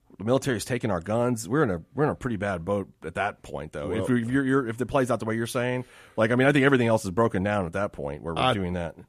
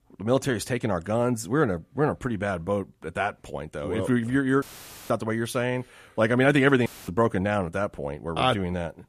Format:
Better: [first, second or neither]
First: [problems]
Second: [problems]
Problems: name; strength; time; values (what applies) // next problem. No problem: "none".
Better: first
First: none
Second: audio cutting out; filled with static; at 4.5 s and at 7 s